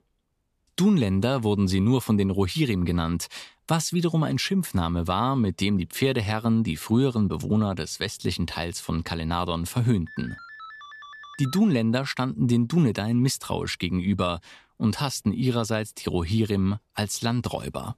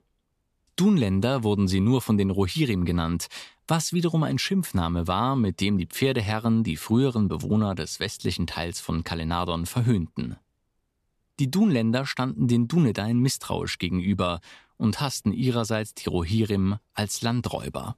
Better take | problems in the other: second | phone ringing; faint; from 10 to 12 s; peak 15 dB below the speech

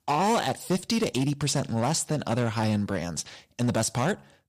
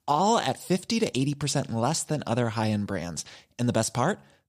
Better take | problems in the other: second | distortion; slight; 8% of the sound clipped

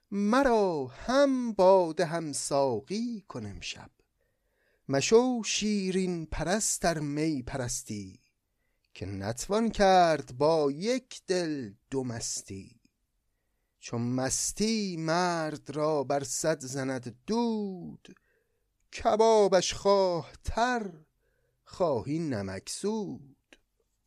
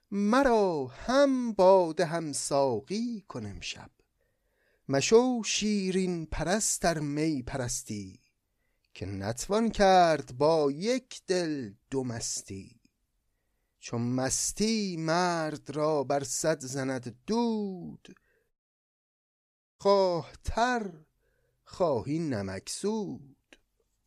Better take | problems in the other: first | audio cutting out; at 19 s for 1.5 s

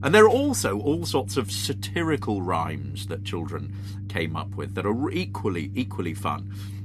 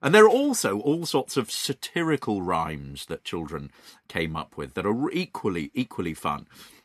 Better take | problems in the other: second | low rumble; faint; throughout; 20 dB below the speech

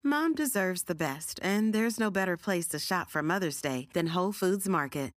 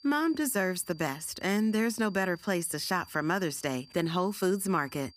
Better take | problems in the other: first | high-pitched whine; faint; throughout; 4.5 kHz, 25 dB below the speech

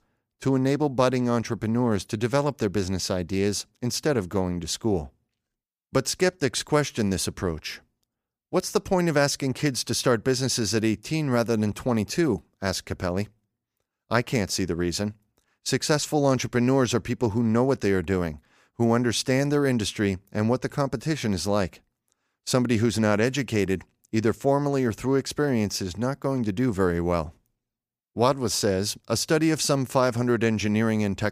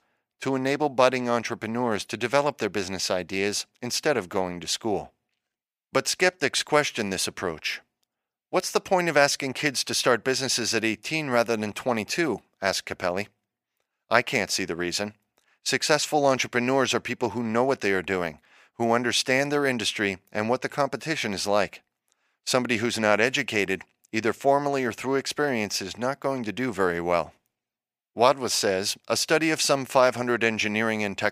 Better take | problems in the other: first | thin; somewhat; fading below 350 Hz

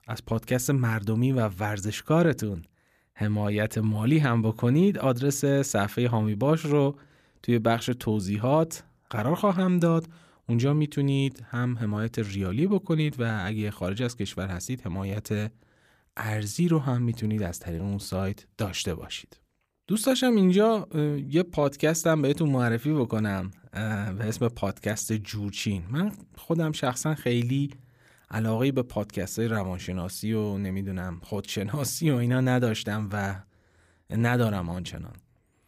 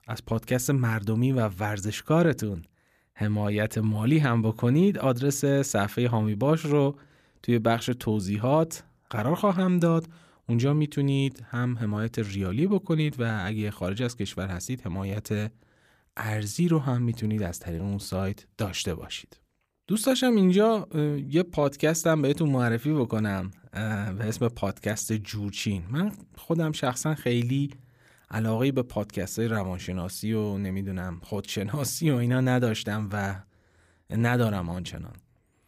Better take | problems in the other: neither | none

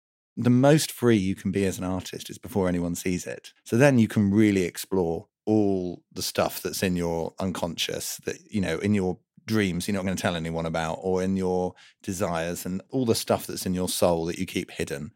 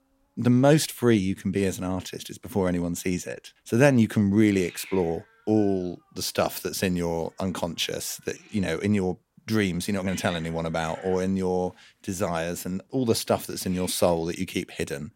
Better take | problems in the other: first | hiss; faint; throughout; 20 dB below the speech

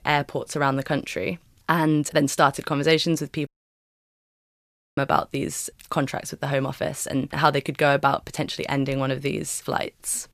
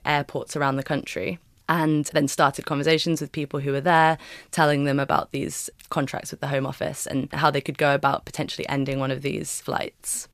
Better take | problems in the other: second | audio cutting out; at 3.5 s for 1.5 s

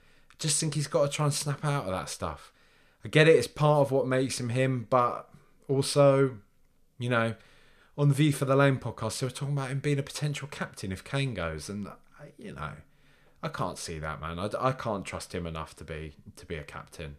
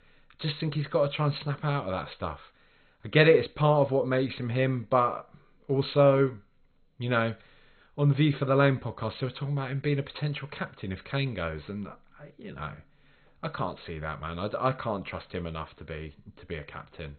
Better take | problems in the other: first | garbled, watery; badly; nothing above 4 kHz

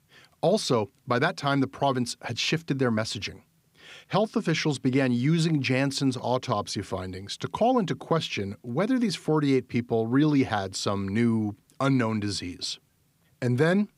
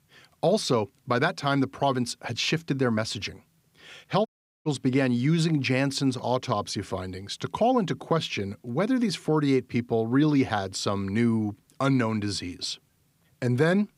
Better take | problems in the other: first | audio cutting out; at 4.5 s

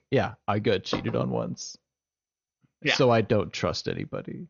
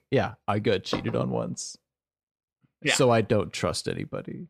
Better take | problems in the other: second | garbled, watery; slightly; nothing above 6.5 kHz

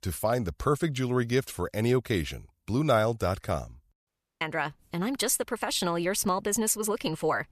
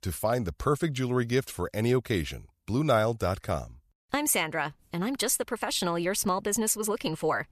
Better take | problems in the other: second | audio cutting out; at 4 s

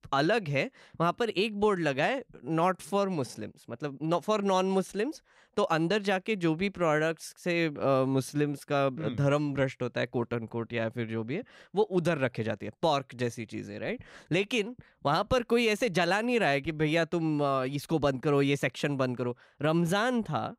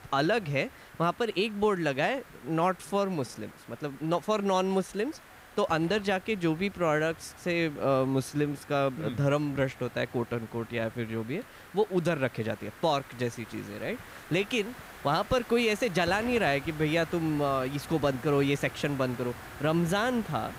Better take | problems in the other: first | hiss; noticeable; throughout; 15 dB below the speech

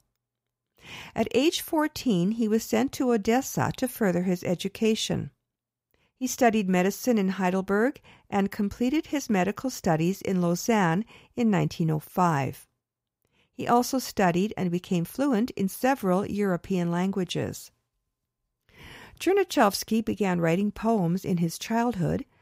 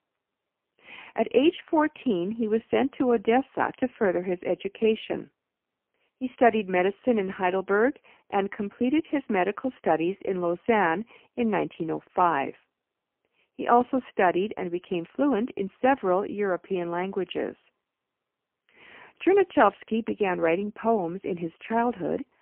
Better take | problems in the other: first | phone-call audio; poor line; nothing above 3 kHz

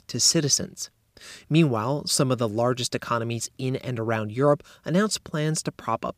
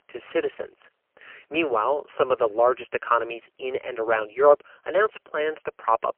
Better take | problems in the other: first | phone-call audio; poor line; nothing above 3 kHz

